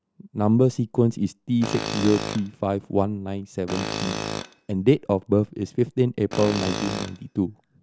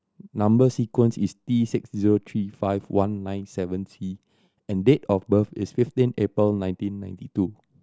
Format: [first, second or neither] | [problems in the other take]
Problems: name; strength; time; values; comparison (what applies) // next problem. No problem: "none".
second | background sound (Tools); 8 dB below the speech